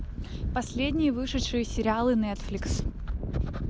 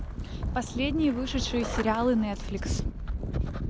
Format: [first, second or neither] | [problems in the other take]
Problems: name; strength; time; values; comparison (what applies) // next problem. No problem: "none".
first | background sound (Skateboard); 16 dB below the speech